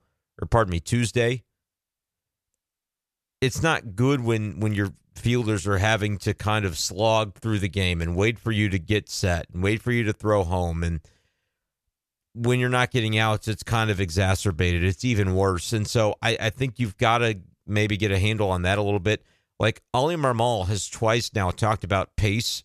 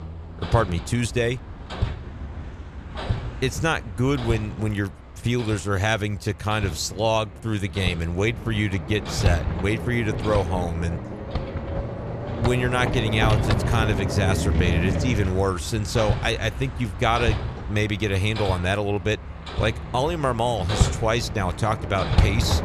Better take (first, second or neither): first